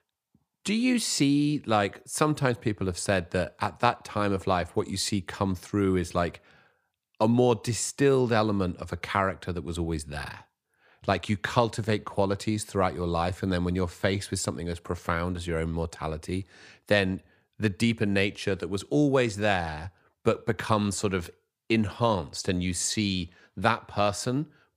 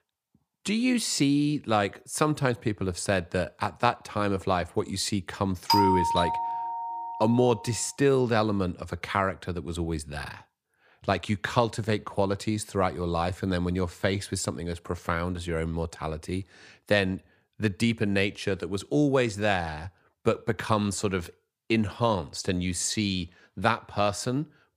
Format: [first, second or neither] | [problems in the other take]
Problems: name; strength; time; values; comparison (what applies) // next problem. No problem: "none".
first | doorbell; loud; from 5.5 to 7.5 s; peak 5 dB above the speech